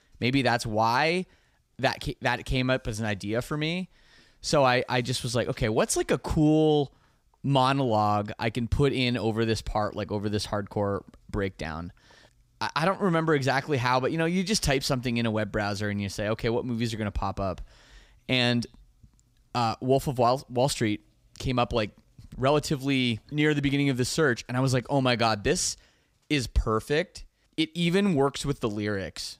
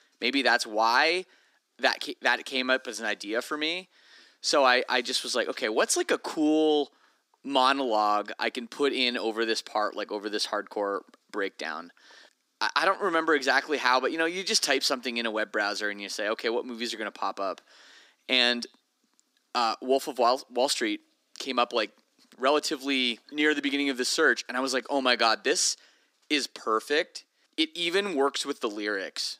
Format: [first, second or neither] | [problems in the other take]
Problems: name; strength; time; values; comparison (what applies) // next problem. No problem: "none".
first | thin; somewhat; fading below 250 Hz